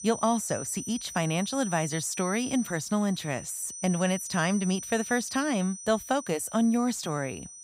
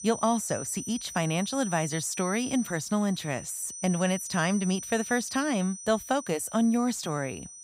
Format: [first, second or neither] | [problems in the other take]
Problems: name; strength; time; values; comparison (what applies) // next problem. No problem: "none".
neither | high-pitched whine; loud; throughout; 6 kHz, 9 dB below the speech; the same in both